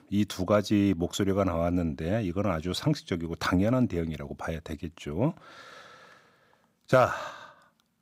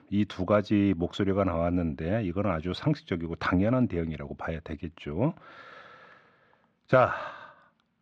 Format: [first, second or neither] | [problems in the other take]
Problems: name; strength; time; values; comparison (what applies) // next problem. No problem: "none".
first | muffled; slightly; fading above 2.5 kHz